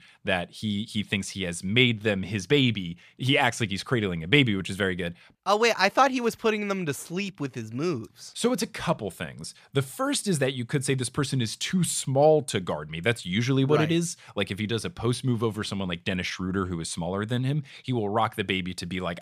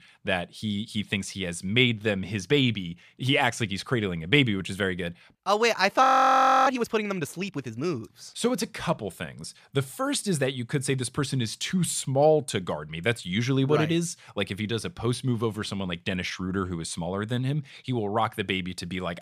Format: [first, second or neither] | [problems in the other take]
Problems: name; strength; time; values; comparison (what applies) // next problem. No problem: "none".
first | audio freezing; at 6 s for 0.5 s